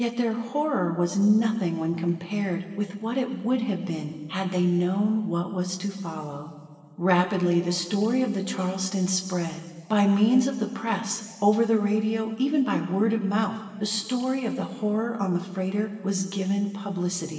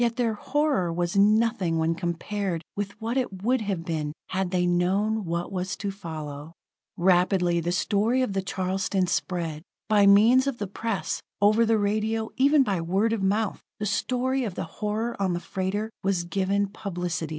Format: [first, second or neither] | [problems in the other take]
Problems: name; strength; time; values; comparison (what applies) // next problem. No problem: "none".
second | room echo; dies away in 1.9 s